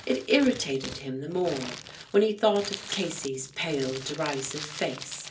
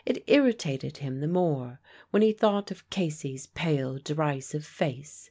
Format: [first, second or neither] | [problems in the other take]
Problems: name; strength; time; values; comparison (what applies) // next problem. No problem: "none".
second | background sound (Crumpling, crinkling); 13 dB below the speech // room echo; dies away in 0.3 s